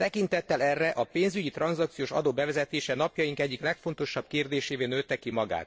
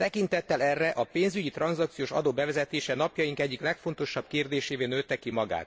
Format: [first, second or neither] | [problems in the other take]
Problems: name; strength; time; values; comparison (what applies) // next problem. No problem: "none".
second | noise reduction (neural separator model SepFormer DNS4)